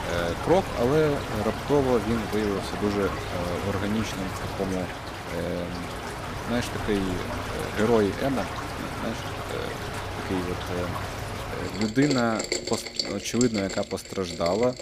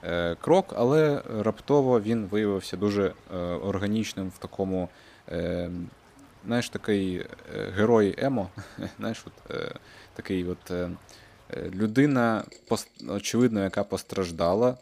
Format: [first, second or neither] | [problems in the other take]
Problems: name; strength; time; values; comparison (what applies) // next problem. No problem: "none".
second | rain or running water; loud; throughout; 4 dB below the speech; faint in the second